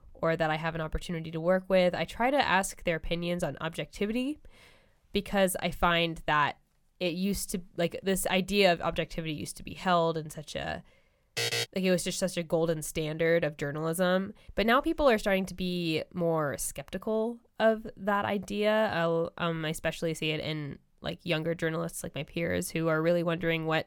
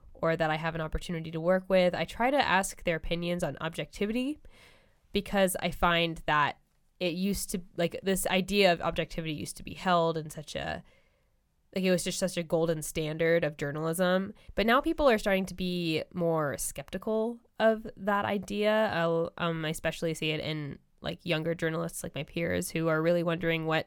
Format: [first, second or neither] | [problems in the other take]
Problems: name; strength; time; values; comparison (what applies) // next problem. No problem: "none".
second | alarm; loud; at 11 s; peak level with the speech